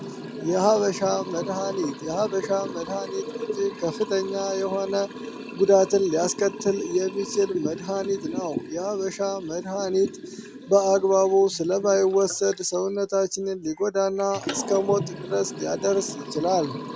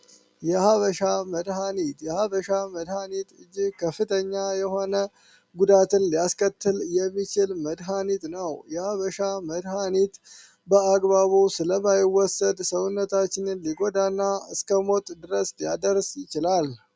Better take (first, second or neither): second